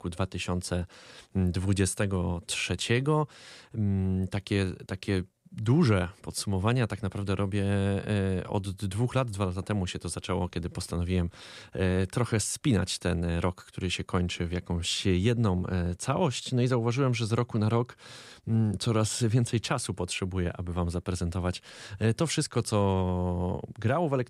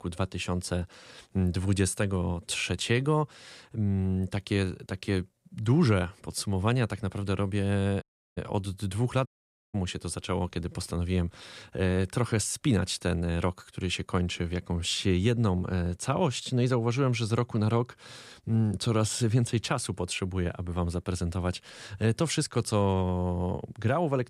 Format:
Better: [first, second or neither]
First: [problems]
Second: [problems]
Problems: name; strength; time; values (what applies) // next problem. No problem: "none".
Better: first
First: none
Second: audio cutting out; at 8 s and at 9.5 s